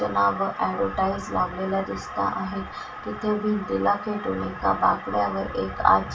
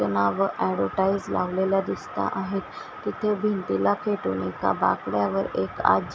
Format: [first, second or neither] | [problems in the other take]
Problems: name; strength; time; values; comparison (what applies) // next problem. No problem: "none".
second | room echo; dies away in 0.2 s